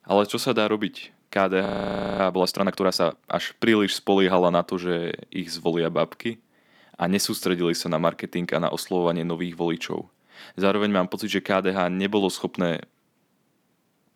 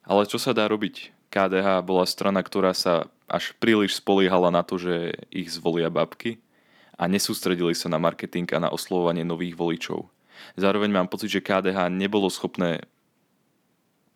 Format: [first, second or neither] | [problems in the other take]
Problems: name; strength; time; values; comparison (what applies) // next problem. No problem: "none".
second | audio freezing; at 1.5 s for 0.5 s